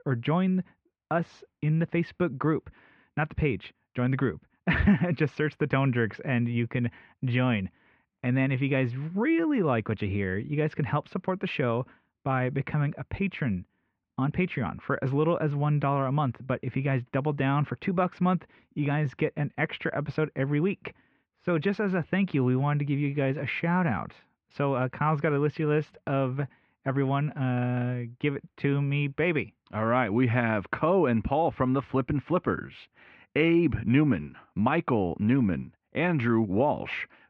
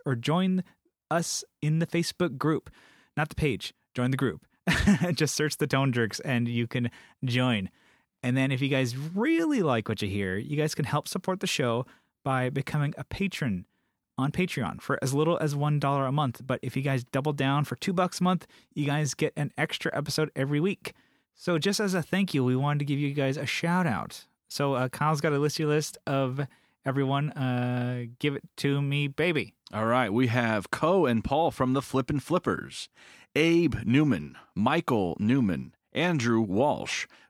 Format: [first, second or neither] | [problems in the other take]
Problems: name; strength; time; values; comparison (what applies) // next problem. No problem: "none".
second | muffled; very; fading above 2.5 kHz